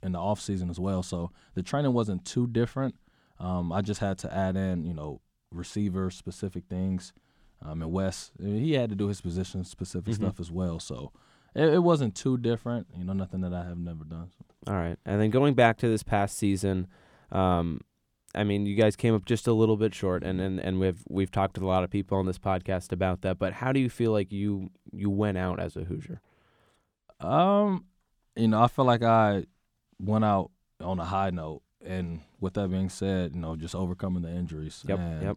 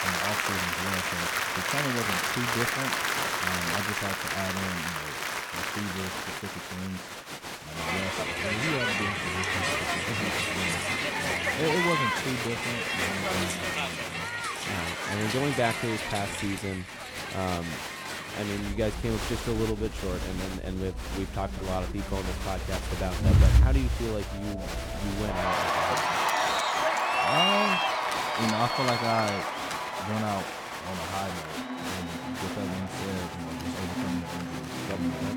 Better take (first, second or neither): first